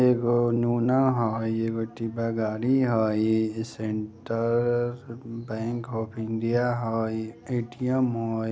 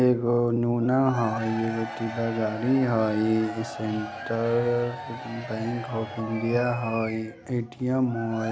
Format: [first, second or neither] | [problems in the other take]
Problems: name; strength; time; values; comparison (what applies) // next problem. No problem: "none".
first | background sound (Crowd / Cheering); 12 dB below the speech